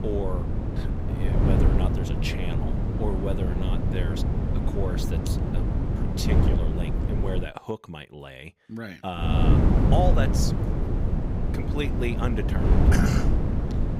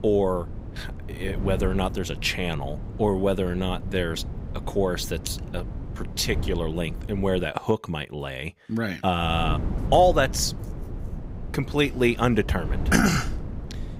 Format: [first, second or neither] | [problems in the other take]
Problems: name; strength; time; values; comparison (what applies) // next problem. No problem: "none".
second | wind noise on the microphone; heavy; until 7.5 s and from 9 s on; as loud as the speech; occasional gusts in the second